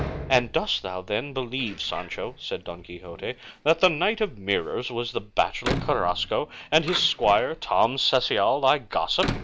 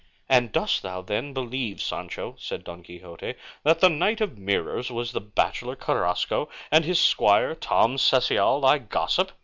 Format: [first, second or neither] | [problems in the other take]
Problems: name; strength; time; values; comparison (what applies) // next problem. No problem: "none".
second | background sound (Door); 12 dB below the speech